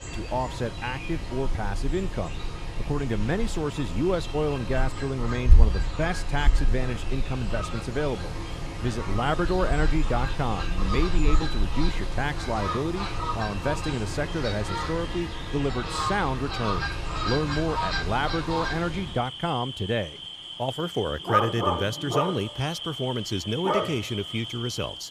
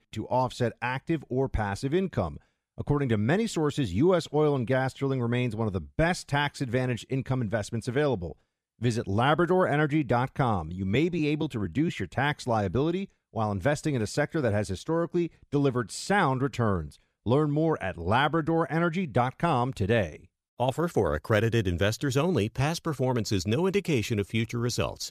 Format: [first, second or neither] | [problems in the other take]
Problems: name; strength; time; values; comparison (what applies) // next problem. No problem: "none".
second | animal sounds; loud; throughout; 1 dB below the speech